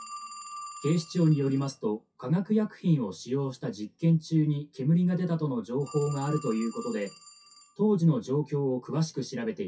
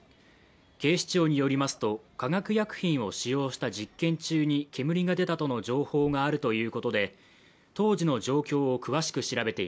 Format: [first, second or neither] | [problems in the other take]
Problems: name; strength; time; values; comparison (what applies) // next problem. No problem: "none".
second | noise reduction (classical method WPE with log-MMSE)